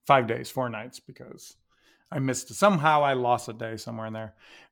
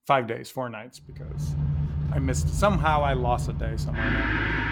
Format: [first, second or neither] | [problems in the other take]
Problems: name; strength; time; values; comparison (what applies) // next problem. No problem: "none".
first | traffic noise; loud; from 1.5 s on; as loud as the speech